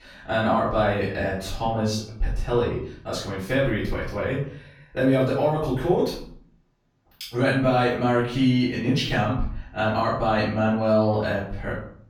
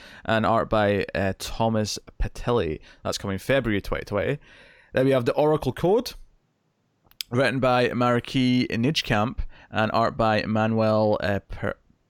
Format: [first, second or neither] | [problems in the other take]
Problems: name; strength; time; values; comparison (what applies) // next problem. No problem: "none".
second | room echo; noticeable; dies away in 0.5 s // off-mic speech; far